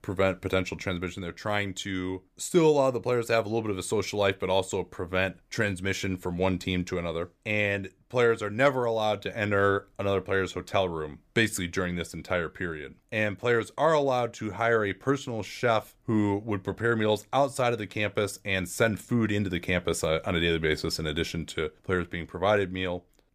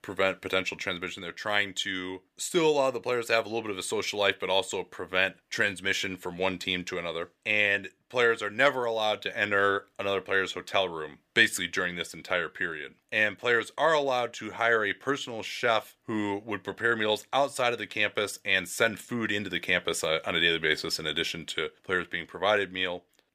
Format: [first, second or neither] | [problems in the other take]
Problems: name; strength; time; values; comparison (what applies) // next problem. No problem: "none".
first | thin; somewhat; fading below 850 Hz